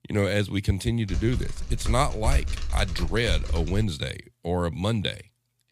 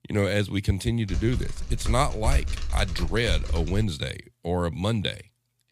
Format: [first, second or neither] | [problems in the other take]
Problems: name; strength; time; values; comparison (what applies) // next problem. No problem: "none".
neither | keyboard typing; noticeable; from 1 to 4 s; peak level with the speech; the same in both